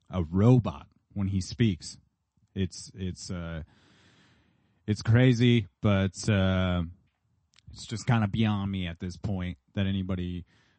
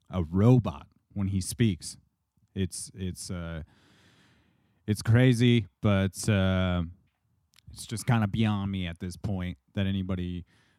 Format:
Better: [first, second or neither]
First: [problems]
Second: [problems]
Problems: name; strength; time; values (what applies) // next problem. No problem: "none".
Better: second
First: garbled, watery; slightly; nothing above 8 kHz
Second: none